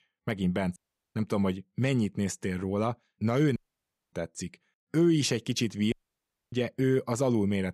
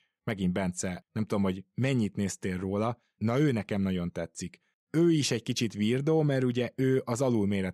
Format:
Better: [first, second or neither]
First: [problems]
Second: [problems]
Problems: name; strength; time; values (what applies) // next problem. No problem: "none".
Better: second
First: audio cutting out; at 1 s, at 3.5 s for 0.5 s and at 6 s for 0.5 s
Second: none